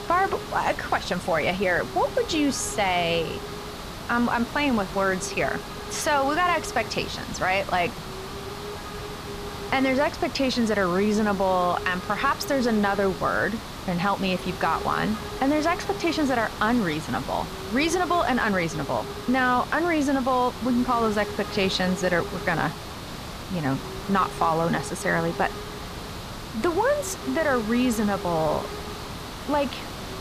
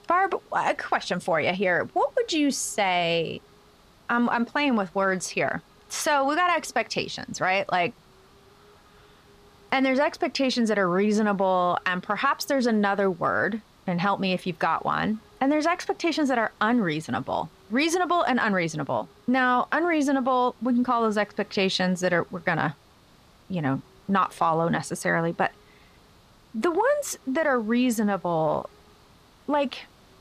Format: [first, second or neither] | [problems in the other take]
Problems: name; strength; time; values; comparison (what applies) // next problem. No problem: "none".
second | hiss; loud; throughout; 10 dB below the speech; faint in the second